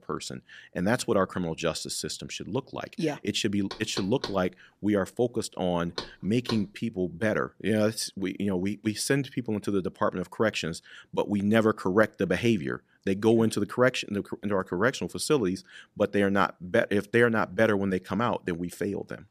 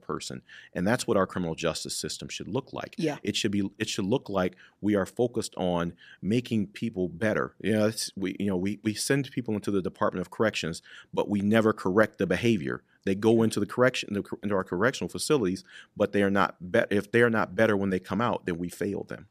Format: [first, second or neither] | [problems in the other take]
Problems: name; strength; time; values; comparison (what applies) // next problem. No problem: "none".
second | door banging; noticeable; from 3.5 to 6.5 s; peak 8 dB below the speech